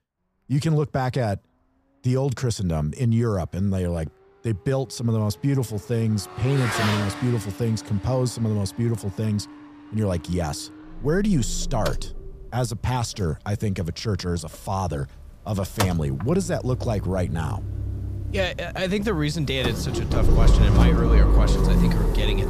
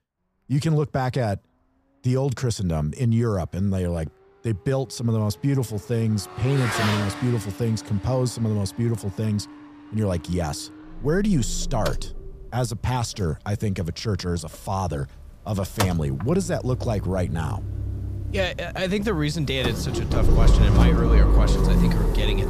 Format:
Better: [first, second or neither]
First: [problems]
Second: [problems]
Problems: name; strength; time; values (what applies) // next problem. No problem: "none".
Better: neither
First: traffic noise; very loud; throughout; 1 dB above the speech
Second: traffic noise; very loud; throughout; 1 dB above the speech